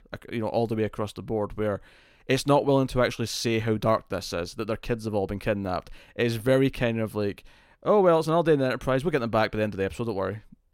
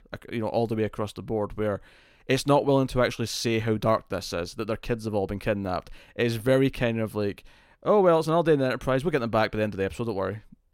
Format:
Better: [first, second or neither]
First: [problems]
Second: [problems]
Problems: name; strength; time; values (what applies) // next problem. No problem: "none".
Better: neither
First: none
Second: none